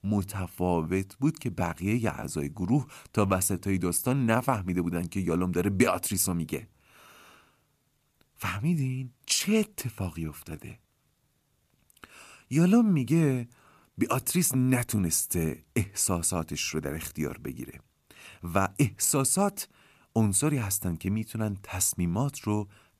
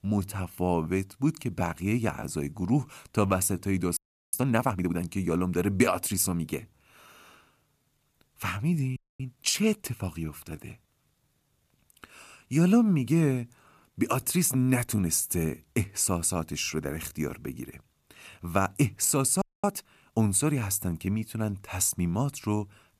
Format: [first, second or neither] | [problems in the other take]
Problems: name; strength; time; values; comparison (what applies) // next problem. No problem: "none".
first | audio freezing; at 4 s, at 9 s and at 19 s